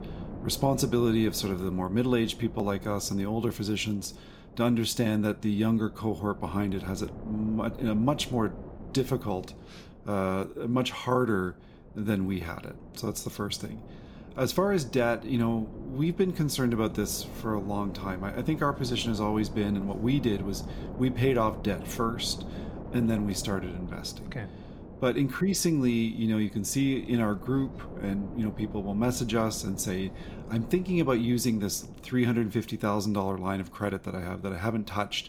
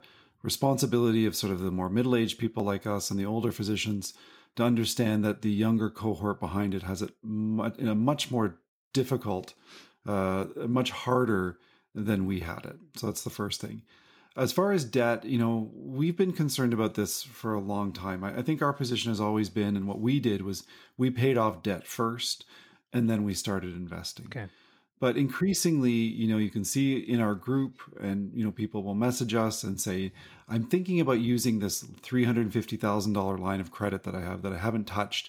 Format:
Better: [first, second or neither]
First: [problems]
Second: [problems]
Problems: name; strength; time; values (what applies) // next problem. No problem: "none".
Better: second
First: wind noise on the microphone; occasional gusts; 15 dB below the speech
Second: none